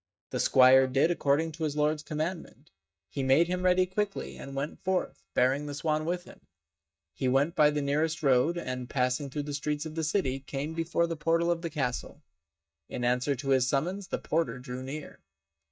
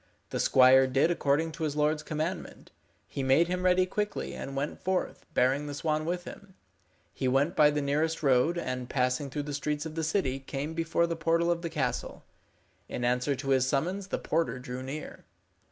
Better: second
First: noise reduction (neural mask model DeepFilterNet 3)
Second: none

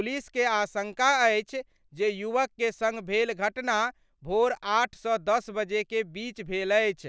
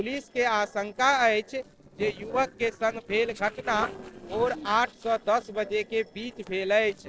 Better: first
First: none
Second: noise reduction (neural separator model SepFormer DNS4)

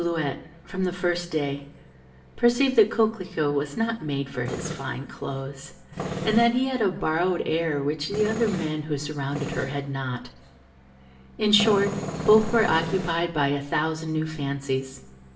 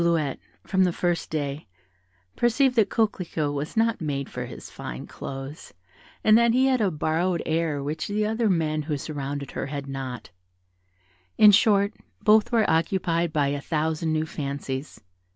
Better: second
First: background sound (Tools); 12 dB below the speech // room echo; dies away in 0.6 s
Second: none

